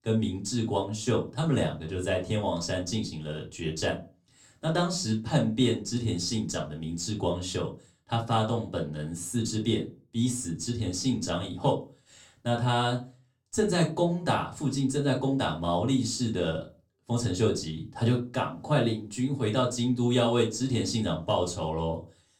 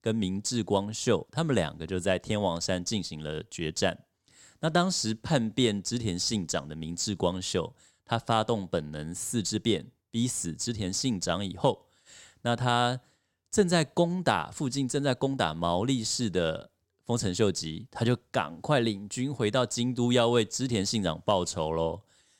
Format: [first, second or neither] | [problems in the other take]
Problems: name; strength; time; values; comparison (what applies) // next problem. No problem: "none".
second | off-mic speech; far // room echo; very slight; dies away in 0.2 s